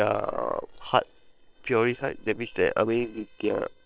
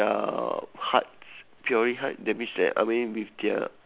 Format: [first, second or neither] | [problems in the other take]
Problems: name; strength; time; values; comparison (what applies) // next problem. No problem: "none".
second | noise reduction (neural separator model SepFormer WHAM!)